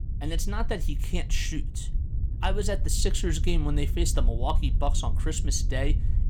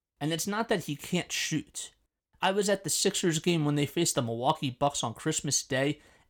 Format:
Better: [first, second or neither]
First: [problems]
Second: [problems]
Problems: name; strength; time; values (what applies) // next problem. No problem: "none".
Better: second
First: low rumble; noticeable; throughout; 15 dB below the speech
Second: none